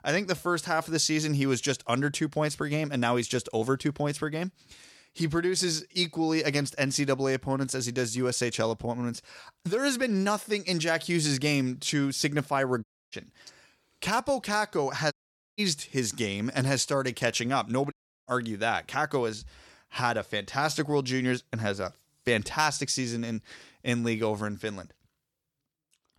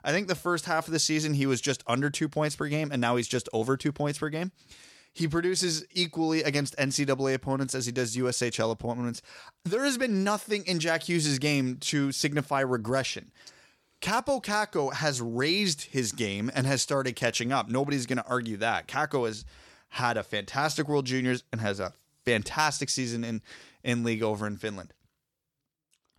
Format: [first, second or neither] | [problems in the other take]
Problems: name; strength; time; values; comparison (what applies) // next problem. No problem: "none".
second | audio cutting out; at 13 s, at 15 s and at 18 s